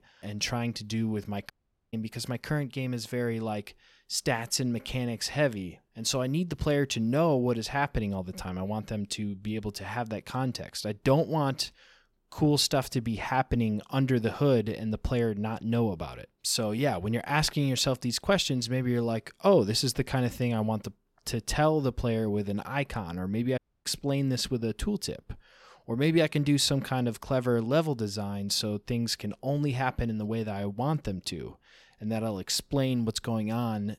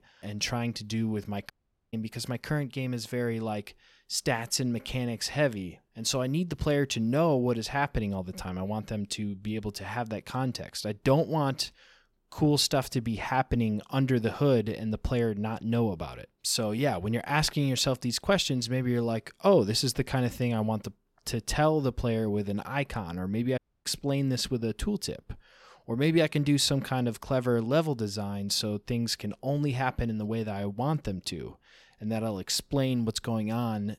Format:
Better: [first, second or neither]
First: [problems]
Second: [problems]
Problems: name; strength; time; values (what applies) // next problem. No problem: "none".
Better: neither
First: audio cutting out; at 1.5 s and at 24 s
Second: audio cutting out; at 1.5 s and at 24 s